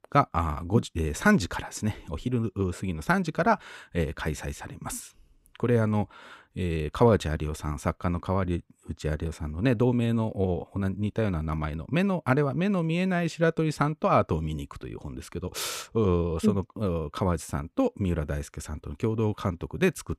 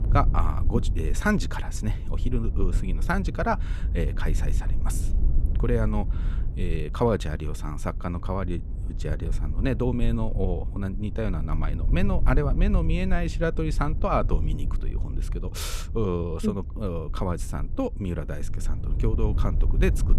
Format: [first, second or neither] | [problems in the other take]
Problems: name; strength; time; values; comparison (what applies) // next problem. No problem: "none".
first | low rumble; noticeable; throughout; 15 dB below the speech